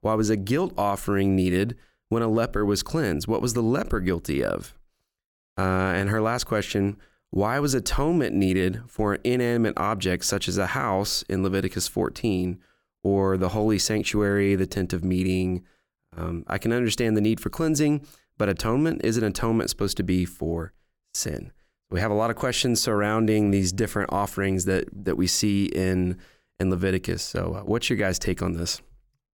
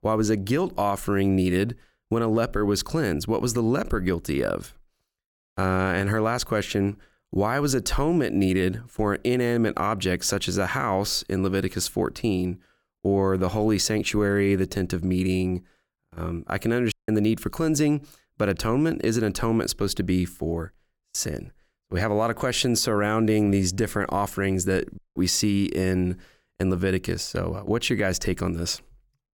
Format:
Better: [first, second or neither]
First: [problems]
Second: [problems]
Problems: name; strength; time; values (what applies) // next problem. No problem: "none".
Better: first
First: none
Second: audio cutting out; at 17 s and at 25 s